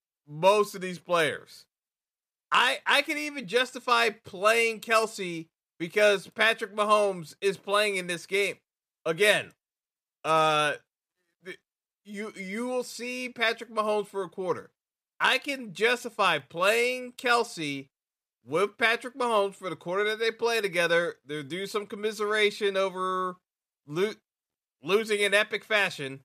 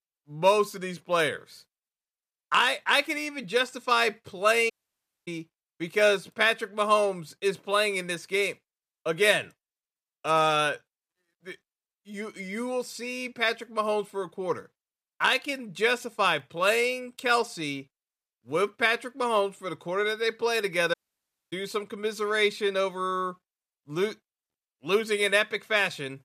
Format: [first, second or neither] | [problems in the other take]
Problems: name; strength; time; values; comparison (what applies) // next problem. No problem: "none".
first | audio cutting out; at 4.5 s for 0.5 s and at 21 s for 0.5 s